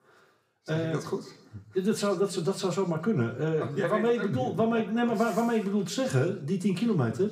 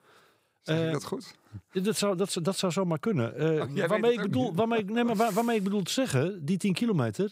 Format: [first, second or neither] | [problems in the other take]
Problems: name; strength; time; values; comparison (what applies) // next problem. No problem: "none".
second | room echo; slight; dies away in 0.6 s // off-mic speech; somewhat distant